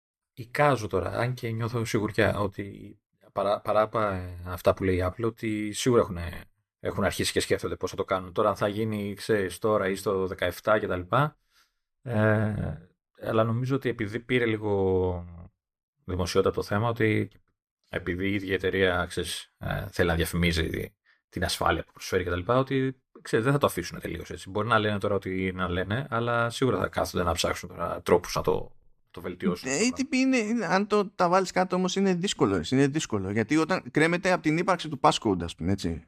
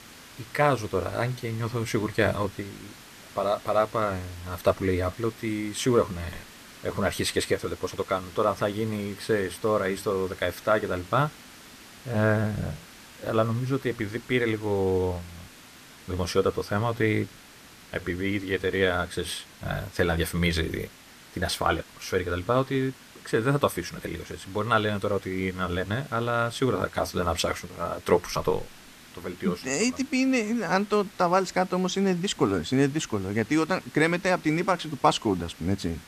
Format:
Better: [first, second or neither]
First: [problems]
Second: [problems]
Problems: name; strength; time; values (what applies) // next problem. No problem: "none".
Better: first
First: none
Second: hiss; noticeable; throughout; 20 dB below the speech